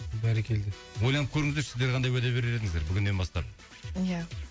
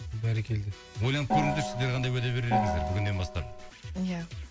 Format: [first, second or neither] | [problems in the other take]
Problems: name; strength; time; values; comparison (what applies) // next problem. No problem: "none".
first | background sound (Gong); 1 dB below the speech